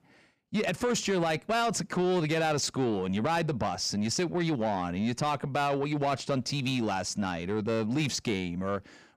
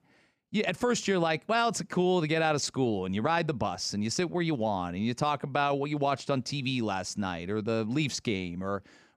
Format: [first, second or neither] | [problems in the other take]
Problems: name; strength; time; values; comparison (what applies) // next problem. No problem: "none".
second | distortion; slight; 10 dB below the speech